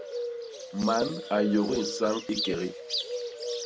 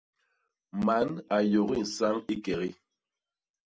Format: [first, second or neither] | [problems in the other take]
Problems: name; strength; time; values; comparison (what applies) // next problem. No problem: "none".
second | background sound (Bird); 5 dB below the speech